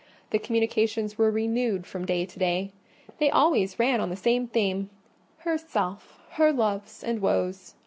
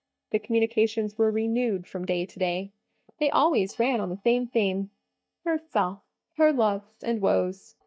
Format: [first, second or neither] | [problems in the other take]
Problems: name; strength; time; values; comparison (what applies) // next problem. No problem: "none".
first | noise reduction (neural mask model DeepFilterNet 3)